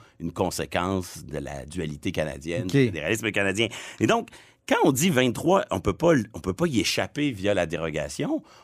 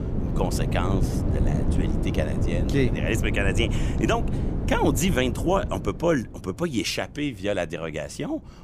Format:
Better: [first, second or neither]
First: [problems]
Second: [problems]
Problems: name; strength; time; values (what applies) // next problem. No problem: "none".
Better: first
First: none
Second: wind noise on the microphone; heavy; 7 dB below the speech